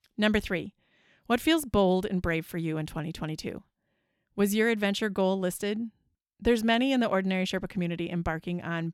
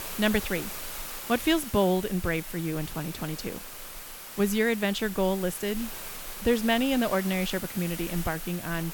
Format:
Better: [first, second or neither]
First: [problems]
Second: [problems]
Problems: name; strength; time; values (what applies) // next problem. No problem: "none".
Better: first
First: none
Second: hiss; loud; throughout; 9 dB below the speech